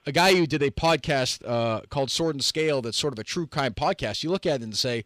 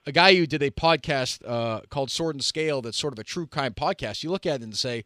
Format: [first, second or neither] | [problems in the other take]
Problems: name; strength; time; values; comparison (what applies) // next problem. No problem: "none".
second | distortion; slight; 10 dB below the speech